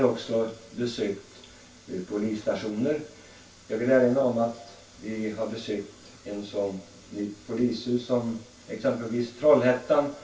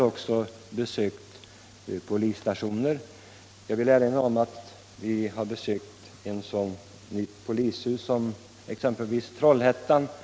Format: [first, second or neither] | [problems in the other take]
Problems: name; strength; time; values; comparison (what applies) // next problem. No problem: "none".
second | room echo; dies away in 0.3 s